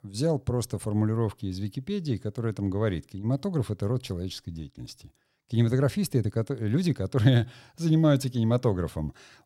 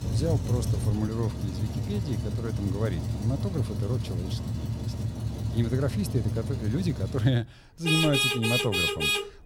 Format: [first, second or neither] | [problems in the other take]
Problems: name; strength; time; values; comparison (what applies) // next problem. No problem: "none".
first | traffic noise; very loud; throughout; 1 dB above the speech